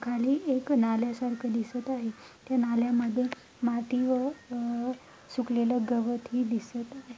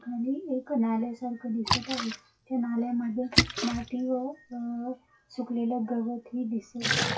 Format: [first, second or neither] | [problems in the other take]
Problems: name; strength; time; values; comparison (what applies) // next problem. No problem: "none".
first | noise reduction (classical method WPE with log-MMSE)